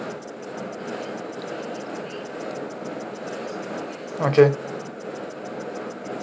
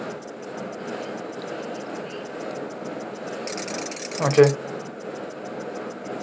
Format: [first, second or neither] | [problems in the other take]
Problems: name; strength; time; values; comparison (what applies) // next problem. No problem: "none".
first | background sound (Ratchet, pawl / Percussion); 9 dB below the speech